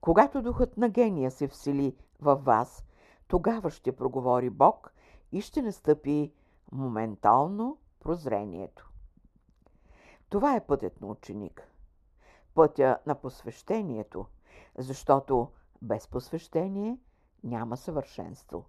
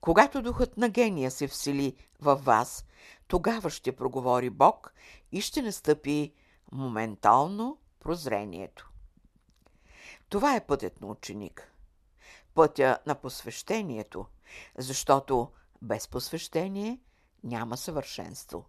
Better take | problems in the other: second | muffled; slightly; fading above 1.5 kHz

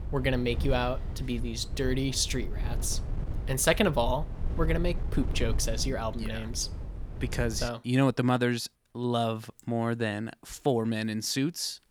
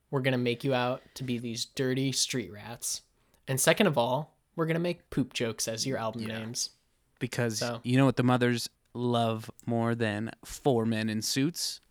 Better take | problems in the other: second | wind noise on the microphone; occasional gusts; until 7.5 s; 15 dB below the speech

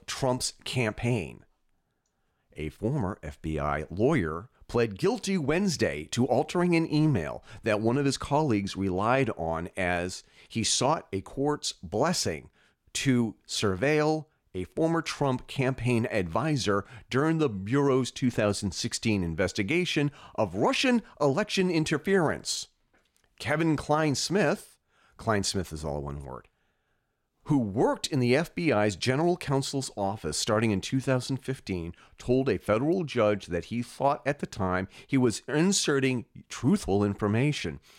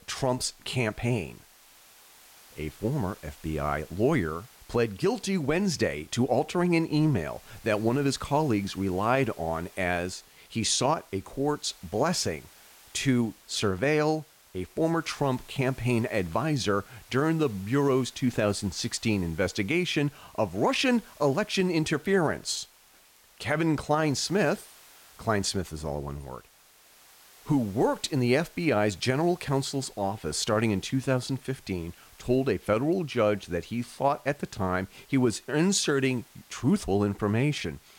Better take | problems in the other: first | hiss; faint; throughout; 25 dB below the speech

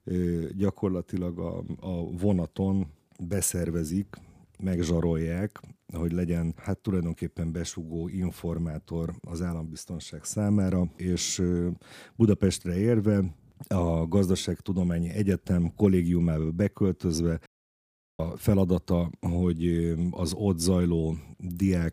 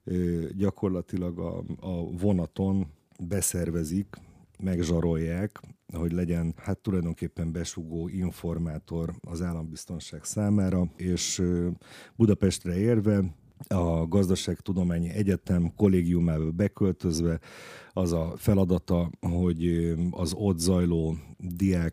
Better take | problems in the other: second | audio cutting out; at 17 s for 0.5 s

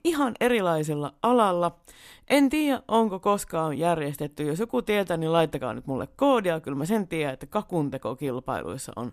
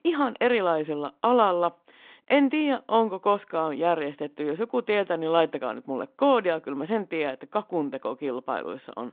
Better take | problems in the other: first | phone-call audio

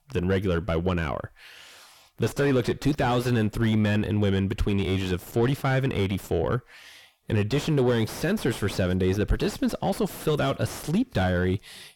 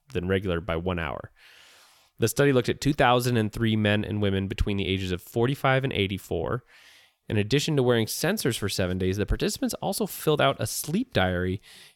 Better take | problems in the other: second | distortion; heavy; 6 dB below the speech

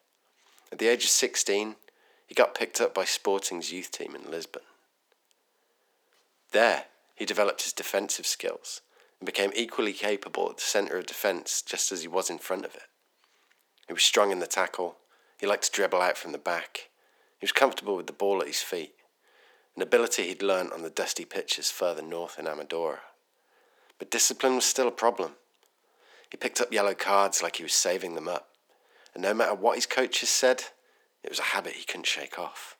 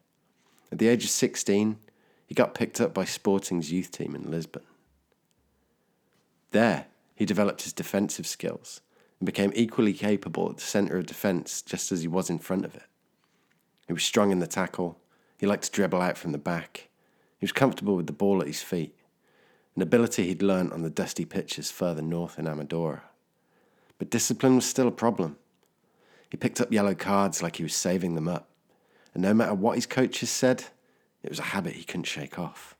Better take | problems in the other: second | thin; very; fading below 450 Hz

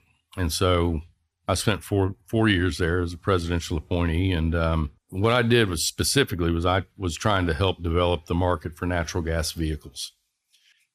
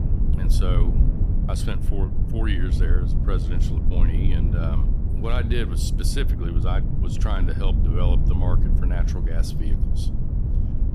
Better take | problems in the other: first | low rumble; loud; throughout; 3 dB below the speech

